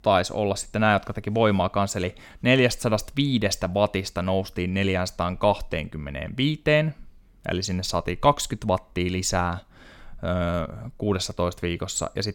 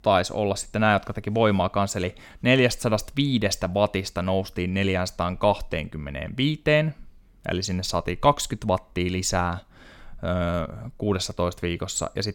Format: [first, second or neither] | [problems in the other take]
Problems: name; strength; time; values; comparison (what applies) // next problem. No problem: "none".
neither | none